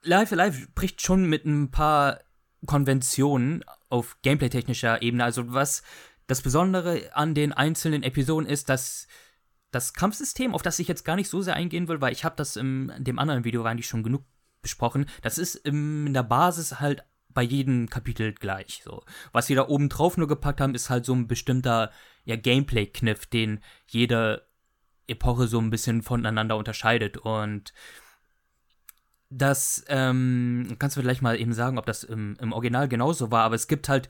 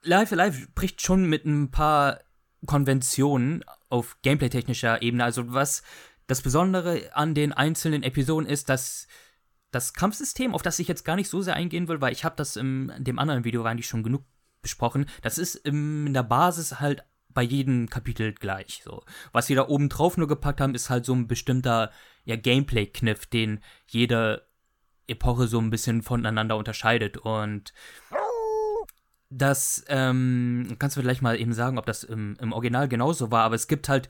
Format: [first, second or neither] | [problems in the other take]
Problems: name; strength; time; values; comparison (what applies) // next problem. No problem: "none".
first | dog barking; noticeable; at 28 s; peak 2 dB below the speech